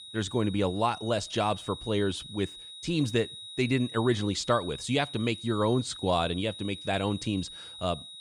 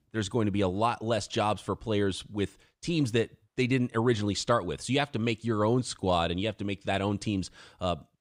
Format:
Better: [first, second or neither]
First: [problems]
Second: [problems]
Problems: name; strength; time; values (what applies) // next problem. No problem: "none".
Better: second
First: high-pitched whine; noticeable; throughout; 4 kHz, 10 dB below the speech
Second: none